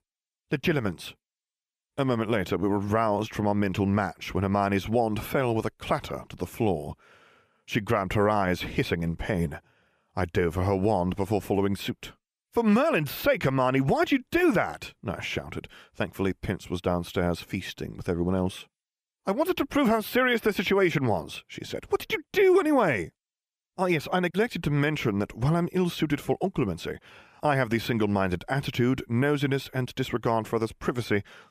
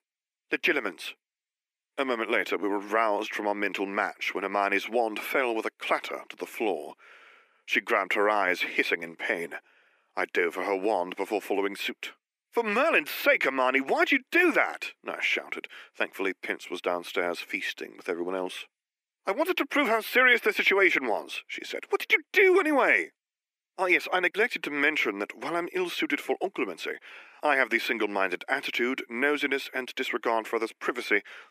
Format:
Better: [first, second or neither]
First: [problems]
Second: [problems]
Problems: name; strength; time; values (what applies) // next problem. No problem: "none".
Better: first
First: none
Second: thin; somewhat; fading below 300 Hz